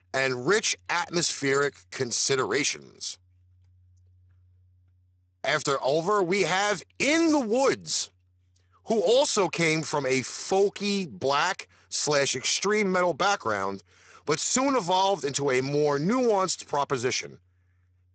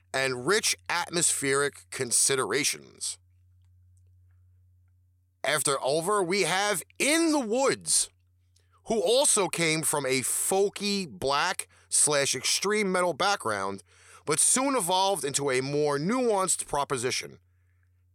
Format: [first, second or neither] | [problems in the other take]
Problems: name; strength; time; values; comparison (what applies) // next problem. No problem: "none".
second | garbled, watery; badly; nothing above 8 kHz